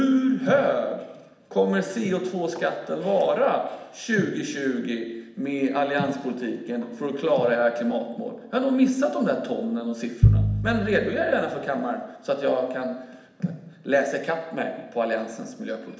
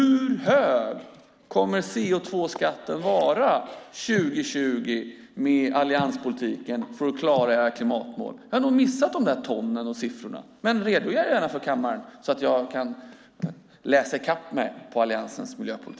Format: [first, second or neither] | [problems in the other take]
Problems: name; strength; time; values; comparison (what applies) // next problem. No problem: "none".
second | background sound (Piano); 2 dB above the speech // room echo; dies away in 0.8 s